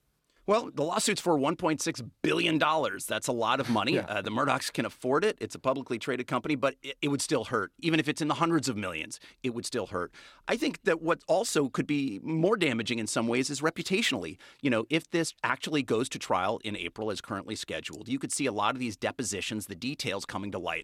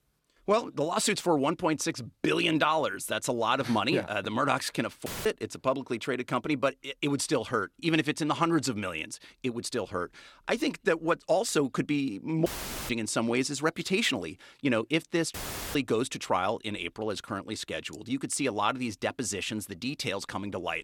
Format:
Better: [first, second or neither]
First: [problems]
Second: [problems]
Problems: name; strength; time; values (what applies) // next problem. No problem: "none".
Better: first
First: none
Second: audio cutting out; filled with static; at 5 s, at 12 s and at 15 s